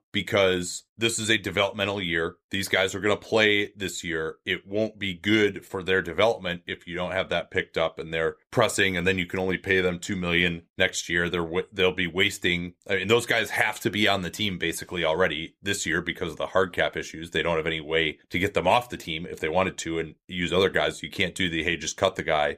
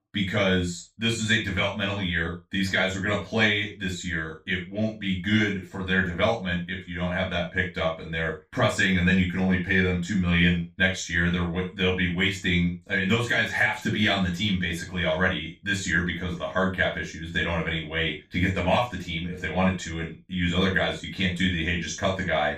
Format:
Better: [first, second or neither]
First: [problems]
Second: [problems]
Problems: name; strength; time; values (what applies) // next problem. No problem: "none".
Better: first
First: none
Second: room echo; noticeable; dies away in 0.2 s // off-mic speech; far